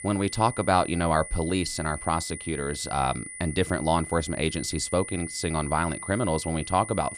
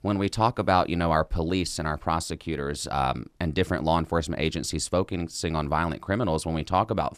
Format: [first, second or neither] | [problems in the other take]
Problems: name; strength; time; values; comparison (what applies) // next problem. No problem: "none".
second | high-pitched whine; loud; throughout; 9.5 kHz, 10 dB below the speech